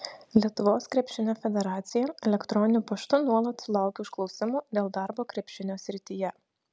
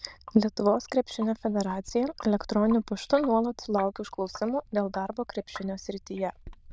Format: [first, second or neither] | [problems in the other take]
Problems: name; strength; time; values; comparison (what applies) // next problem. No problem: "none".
first | noise reduction (neural diffusion model UNIVERSE++)